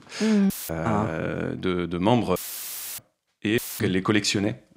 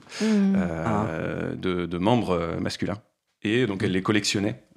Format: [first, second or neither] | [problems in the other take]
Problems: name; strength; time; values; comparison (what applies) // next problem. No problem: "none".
second | audio cutting out; filled with static; at 0.5 s, at 2.5 s for 0.5 s and at 3.5 s